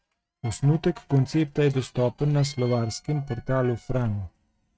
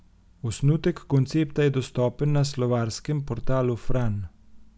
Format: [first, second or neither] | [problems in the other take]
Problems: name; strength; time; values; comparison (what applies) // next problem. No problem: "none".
second | noise reduction (neural mask model RNNoise)